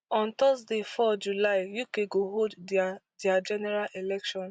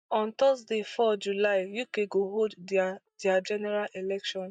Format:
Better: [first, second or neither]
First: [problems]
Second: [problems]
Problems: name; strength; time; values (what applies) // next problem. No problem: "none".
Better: first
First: none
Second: noise reduction (neural mask model DeepFilterNet 3)